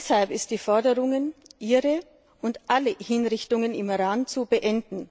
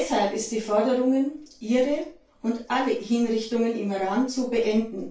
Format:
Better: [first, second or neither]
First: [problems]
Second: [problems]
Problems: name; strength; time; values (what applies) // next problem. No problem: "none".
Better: first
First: none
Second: room echo; dies away in 0.3 s